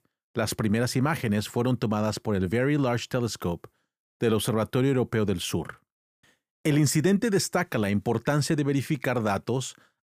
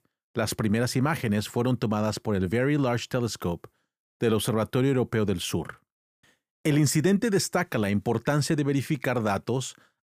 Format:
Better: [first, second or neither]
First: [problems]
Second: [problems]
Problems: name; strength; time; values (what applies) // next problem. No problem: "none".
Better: neither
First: none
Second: none